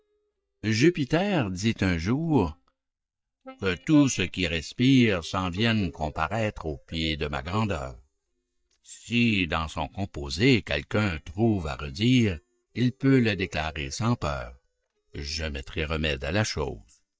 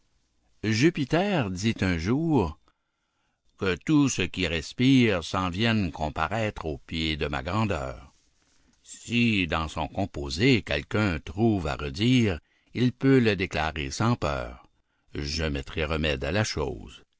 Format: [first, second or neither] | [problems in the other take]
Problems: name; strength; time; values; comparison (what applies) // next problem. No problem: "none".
second | noise reduction (neural mask model DeepFilterNet 3)